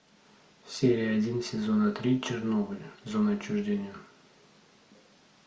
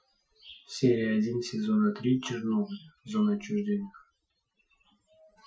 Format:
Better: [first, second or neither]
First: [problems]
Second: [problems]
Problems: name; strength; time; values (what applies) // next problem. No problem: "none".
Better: first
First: none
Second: noise reduction (classical method Wiener filter)